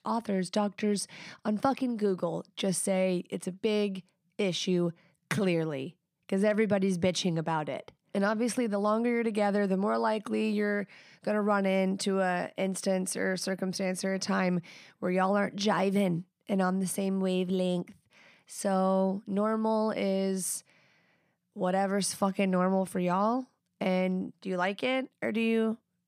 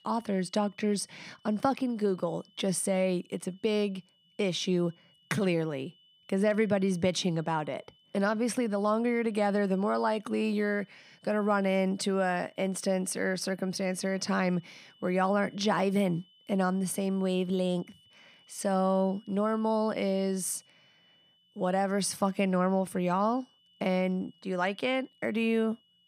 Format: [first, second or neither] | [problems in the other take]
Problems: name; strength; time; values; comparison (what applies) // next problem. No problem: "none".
first | high-pitched whine; faint; throughout; 3 kHz, 30 dB below the speech